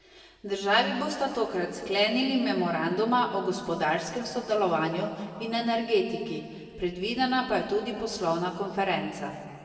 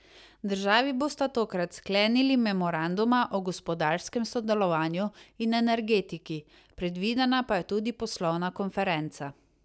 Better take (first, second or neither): second